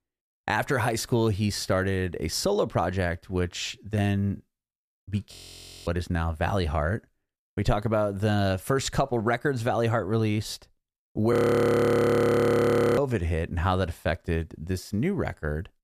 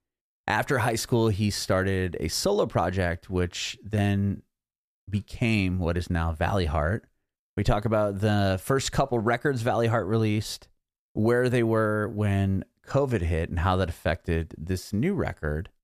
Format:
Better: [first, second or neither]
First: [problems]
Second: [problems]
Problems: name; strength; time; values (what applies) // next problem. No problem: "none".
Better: second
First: audio freezing; at 5.5 s for 0.5 s and at 11 s for 1.5 s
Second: none